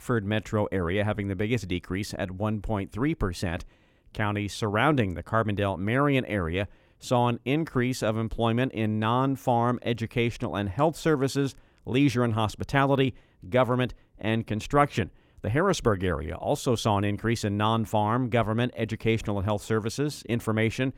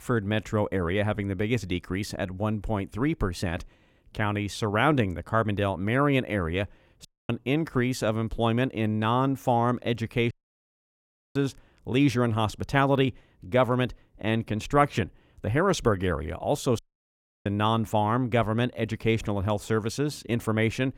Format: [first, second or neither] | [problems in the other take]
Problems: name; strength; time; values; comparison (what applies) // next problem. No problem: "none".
first | audio cutting out; at 7 s, at 10 s for 1 s and at 17 s for 0.5 s